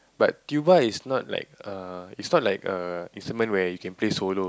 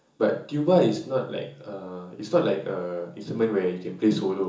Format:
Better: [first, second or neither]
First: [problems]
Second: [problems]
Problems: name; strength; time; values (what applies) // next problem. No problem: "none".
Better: first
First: none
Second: room echo; dies away in 0.7 s